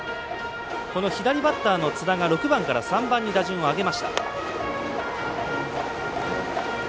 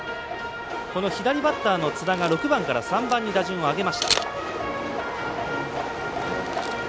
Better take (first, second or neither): first